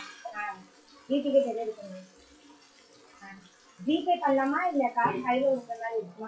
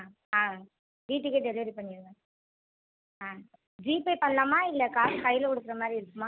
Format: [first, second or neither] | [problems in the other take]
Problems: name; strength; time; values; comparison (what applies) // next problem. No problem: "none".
second | noise reduction (classical method WPE with log-MMSE)